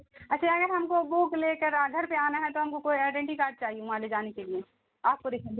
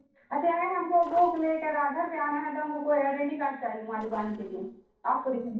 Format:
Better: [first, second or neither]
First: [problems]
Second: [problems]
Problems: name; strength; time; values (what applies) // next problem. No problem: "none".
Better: first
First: none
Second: noise reduction (neural separator model SepFormer DNS4)